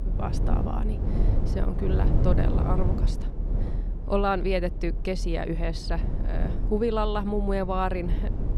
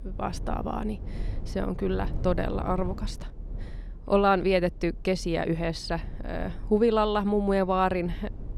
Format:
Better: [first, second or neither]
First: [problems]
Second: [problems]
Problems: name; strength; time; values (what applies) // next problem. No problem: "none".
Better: second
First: low rumble; loud; throughout; 10 dB below the speech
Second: low rumble; faint; throughout; 25 dB below the speech